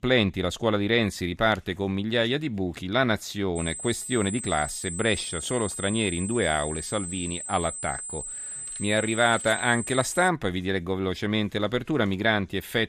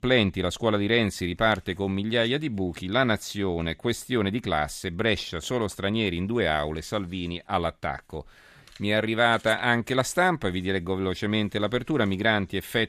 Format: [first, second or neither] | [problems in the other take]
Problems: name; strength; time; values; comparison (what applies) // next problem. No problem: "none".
second | high-pitched whine; loud; from 3.5 to 10 s; 8 kHz, 7 dB below the speech